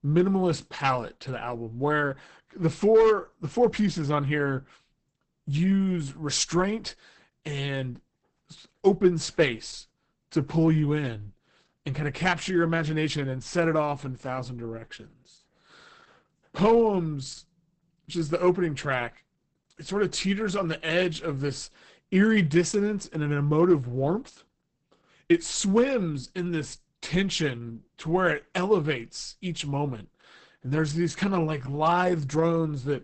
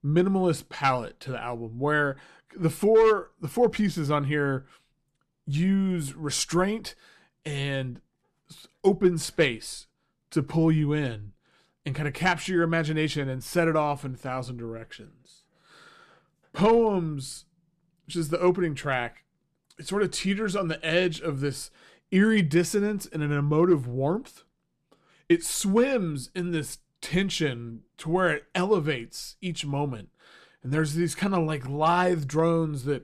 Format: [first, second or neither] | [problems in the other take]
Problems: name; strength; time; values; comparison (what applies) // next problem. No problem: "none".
second | garbled, watery; badly; nothing above 8 kHz